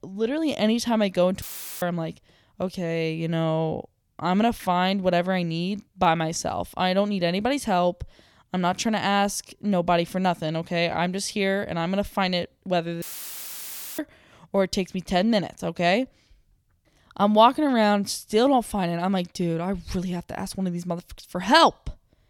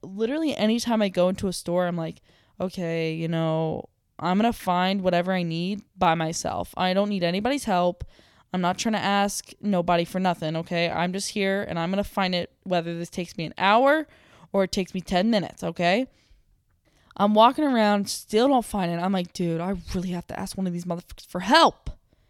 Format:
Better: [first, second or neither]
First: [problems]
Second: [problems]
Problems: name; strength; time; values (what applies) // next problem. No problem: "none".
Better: second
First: audio cutting out; filled with static; at 1.5 s and at 13 s for 1 s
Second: none